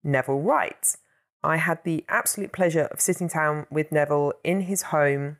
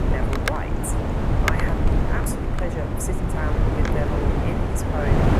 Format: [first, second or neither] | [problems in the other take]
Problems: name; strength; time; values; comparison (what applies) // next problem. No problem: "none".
first | wind noise on the microphone; heavy; 5 dB above the speech